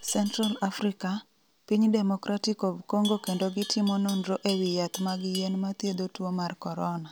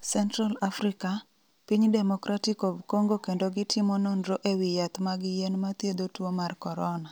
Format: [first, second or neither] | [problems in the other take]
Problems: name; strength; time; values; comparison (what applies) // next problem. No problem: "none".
second | background sound (Livestock, farm animals, working animals); 16 dB below the speech